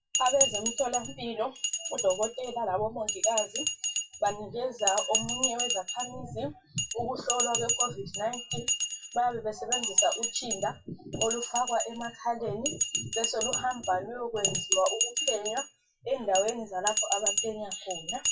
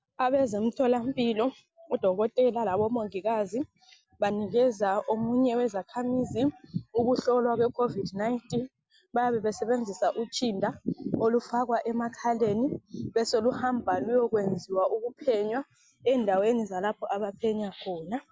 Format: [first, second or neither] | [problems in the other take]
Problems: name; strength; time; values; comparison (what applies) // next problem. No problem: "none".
second | noise reduction (classical method WPE with log-MMSE)